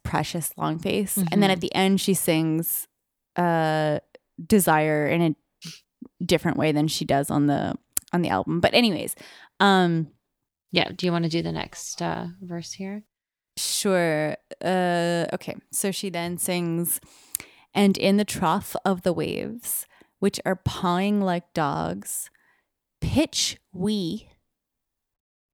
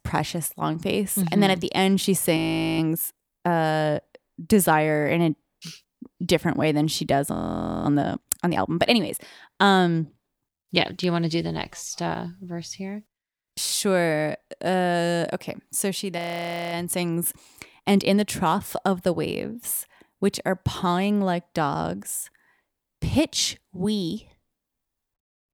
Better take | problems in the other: first | audio freezing; at 2.5 s, at 7.5 s for 0.5 s and at 16 s for 0.5 s

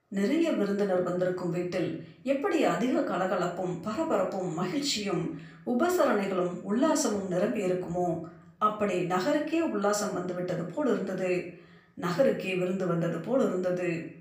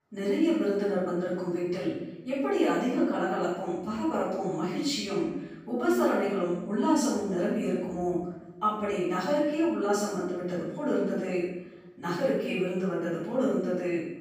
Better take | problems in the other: first | room echo; strong; dies away in 0.9 s; slight in the first // off-mic speech; far; somewhat distant in the first

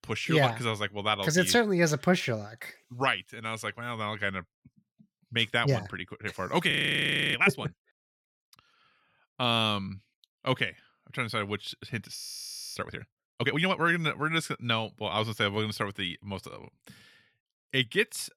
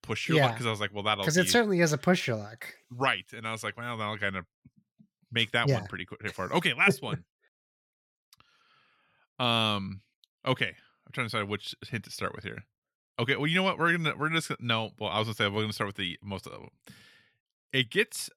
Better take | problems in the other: second | audio freezing; at 6.5 s for 0.5 s and at 12 s for 0.5 s

